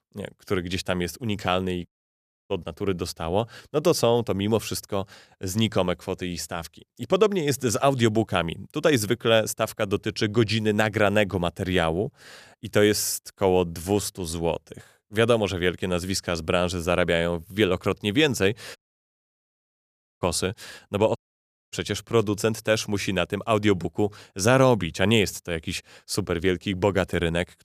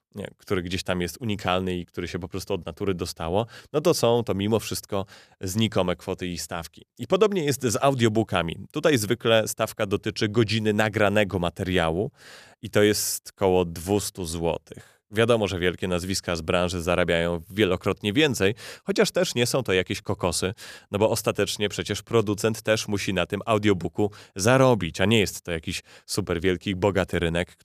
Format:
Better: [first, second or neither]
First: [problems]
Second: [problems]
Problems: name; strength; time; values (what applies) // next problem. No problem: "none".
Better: second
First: audio cutting out; at 2 s for 0.5 s, at 19 s for 1.5 s and at 21 s for 0.5 s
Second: none